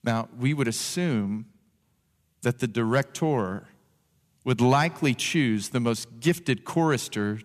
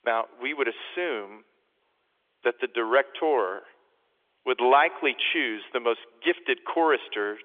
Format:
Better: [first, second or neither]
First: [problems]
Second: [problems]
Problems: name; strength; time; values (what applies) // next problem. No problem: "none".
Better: first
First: none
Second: phone-call audio; nothing above 3.5 kHz